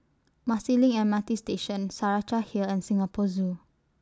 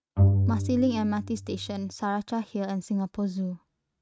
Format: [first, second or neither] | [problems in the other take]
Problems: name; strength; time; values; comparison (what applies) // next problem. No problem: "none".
first | noise reduction (neural mask model RNNoise)